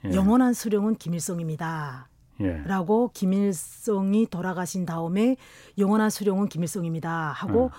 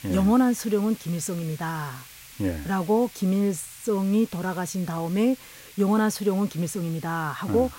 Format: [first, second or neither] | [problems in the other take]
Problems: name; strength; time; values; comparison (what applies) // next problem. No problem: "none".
first | hiss; noticeable; throughout; 20 dB below the speech